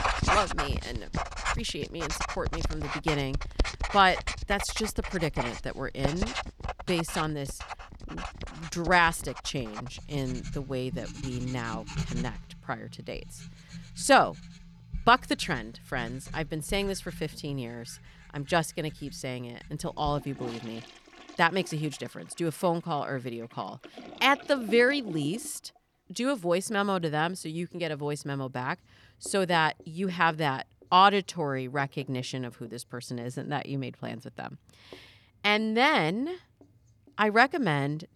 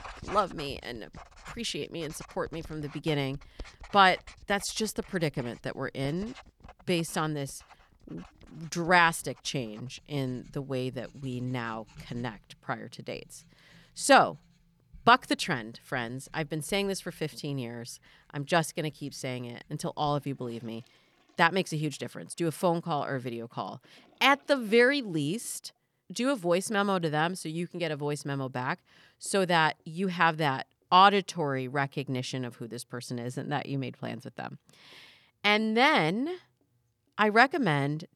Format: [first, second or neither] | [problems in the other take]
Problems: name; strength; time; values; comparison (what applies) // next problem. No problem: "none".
second | household noises; loud; throughout; 8 dB below the speech; faint in the second